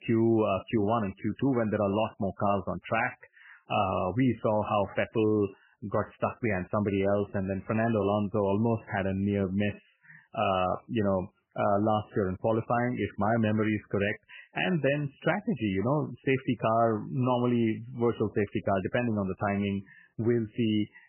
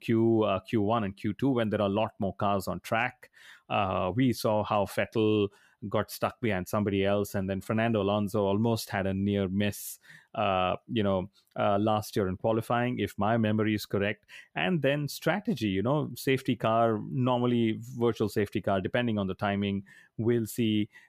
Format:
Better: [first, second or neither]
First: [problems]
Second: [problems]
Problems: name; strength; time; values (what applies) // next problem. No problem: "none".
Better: second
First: garbled, watery; badly; nothing above 3 kHz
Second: none